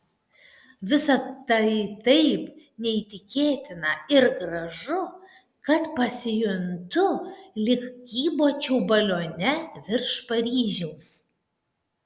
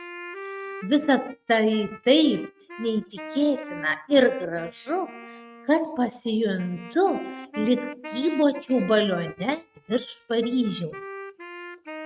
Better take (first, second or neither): first